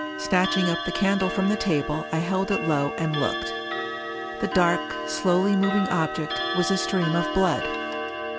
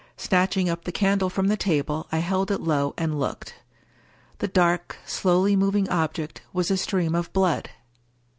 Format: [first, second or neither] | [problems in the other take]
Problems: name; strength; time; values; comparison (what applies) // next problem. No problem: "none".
second | background sound (Clock); 5 dB below the speech